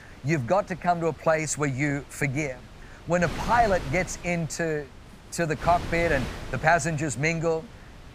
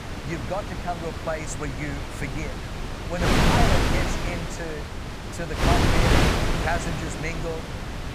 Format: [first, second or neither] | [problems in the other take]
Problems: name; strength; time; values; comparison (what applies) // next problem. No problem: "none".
first | wind noise on the microphone; heavy; 4 dB above the speech; occasional gusts in the first